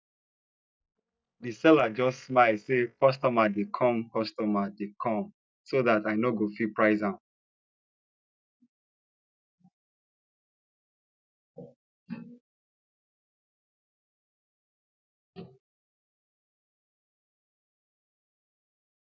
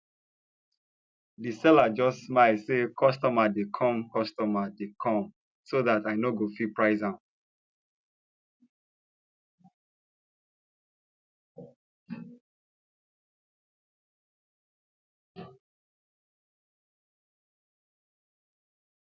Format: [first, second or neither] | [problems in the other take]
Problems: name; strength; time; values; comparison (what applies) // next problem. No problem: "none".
second | noise reduction (neural mask model DeepFilterNet 3)